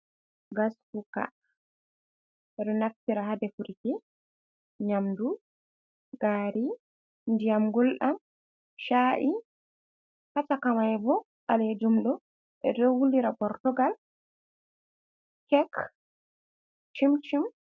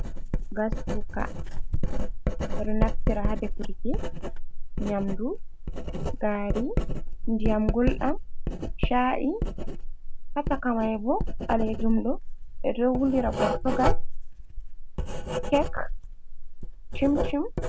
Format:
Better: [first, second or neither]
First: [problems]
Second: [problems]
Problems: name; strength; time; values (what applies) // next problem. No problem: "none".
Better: first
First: none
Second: background sound (Writing); 3 dB above the speech